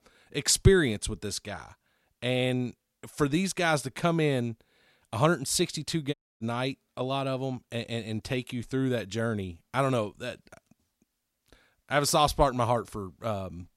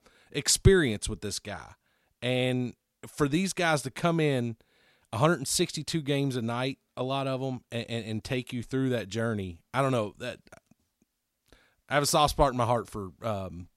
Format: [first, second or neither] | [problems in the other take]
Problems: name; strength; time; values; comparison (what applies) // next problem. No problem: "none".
second | audio cutting out; at 6 s